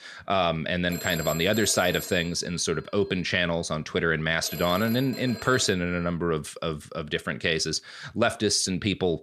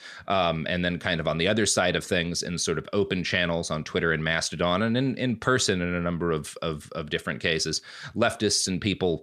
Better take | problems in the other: second | phone ringing; noticeable; from 1 to 6 s; peak 8 dB below the speech

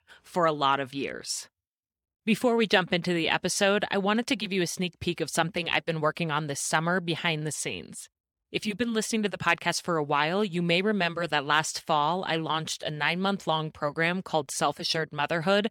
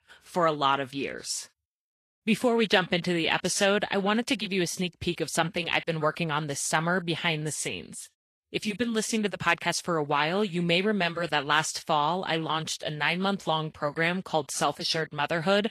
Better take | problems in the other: first | garbled, watery; slightly

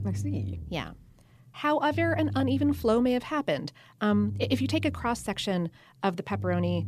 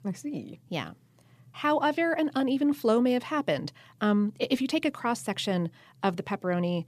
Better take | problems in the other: second | low rumble; faint; throughout; 20 dB below the speech

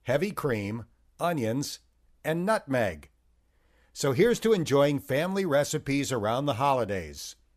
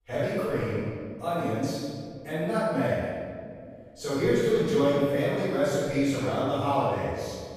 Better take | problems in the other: first | off-mic speech; far // room echo; strong; dies away in 1.8 s

